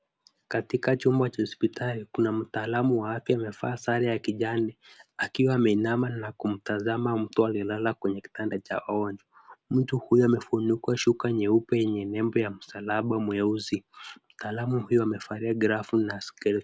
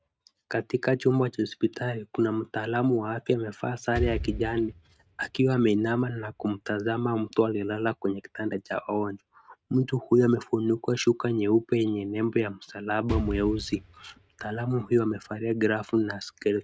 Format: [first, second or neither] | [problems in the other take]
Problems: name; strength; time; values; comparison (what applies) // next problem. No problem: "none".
first | noise reduction (neural mask model RNNoise)